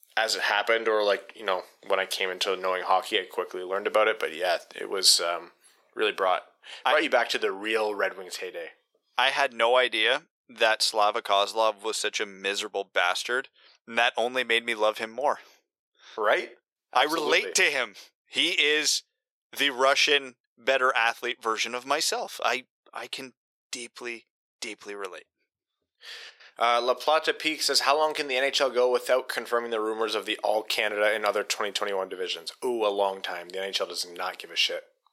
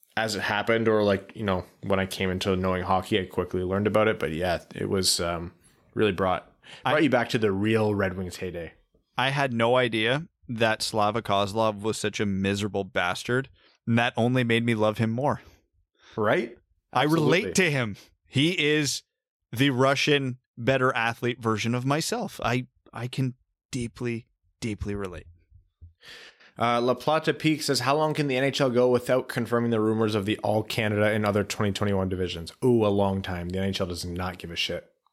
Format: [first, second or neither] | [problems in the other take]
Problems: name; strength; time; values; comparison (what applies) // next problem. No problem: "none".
second | thin; very; fading below 500 Hz